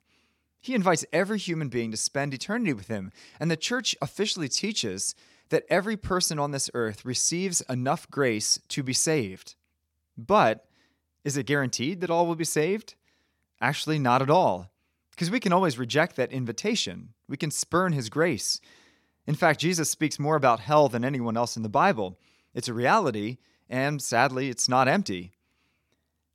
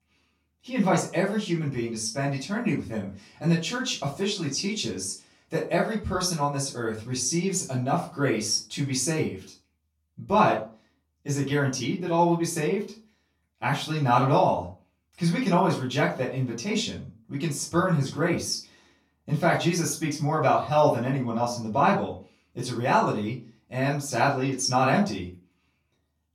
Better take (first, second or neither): first